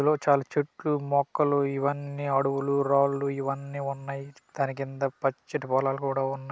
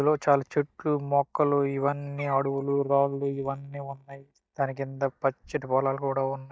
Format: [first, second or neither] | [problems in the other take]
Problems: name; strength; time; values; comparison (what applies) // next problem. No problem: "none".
first | noise reduction (neural mask model DeepFilterNet 3)